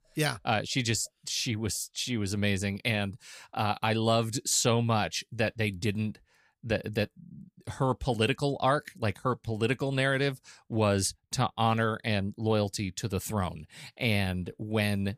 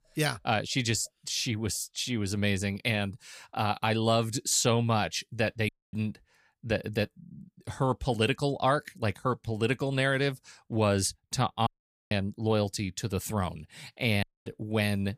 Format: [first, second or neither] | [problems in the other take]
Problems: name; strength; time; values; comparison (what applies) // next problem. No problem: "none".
first | audio cutting out; at 5.5 s, at 12 s and at 14 s